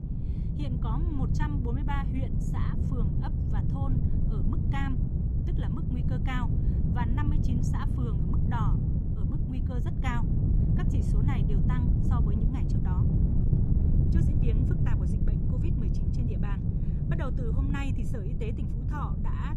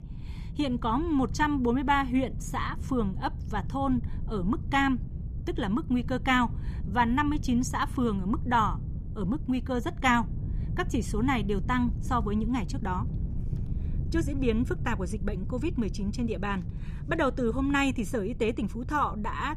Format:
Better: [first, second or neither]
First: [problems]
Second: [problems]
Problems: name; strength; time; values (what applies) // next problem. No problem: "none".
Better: second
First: wind noise on the microphone; heavy; 1 dB above the speech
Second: wind noise on the microphone; occasional gusts; 20 dB below the speech